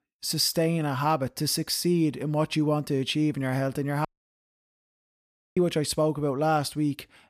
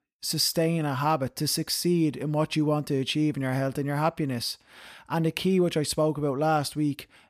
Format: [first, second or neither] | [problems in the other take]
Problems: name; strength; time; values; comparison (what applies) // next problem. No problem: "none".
second | audio cutting out; at 4 s for 1.5 s